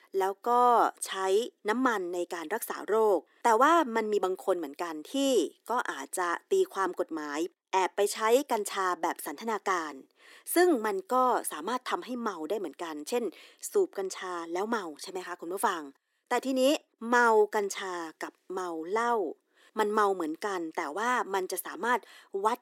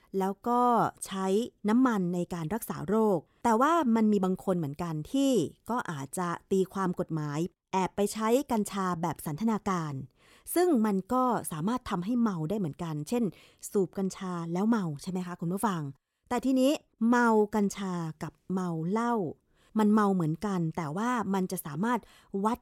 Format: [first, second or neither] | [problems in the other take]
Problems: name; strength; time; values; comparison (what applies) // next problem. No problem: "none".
second | thin; somewhat; fading below 300 Hz